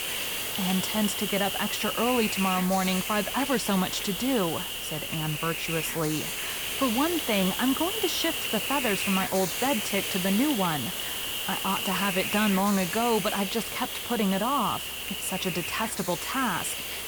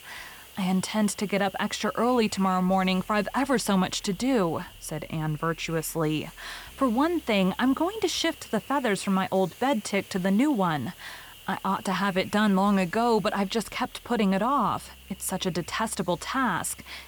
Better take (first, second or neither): second